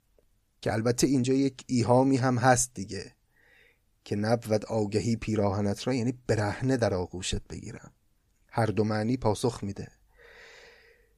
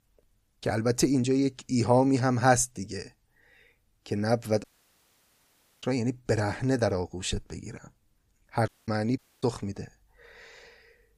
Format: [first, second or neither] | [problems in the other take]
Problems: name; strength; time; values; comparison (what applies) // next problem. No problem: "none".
first | audio cutting out; at 4.5 s for 1 s, at 8.5 s and at 9 s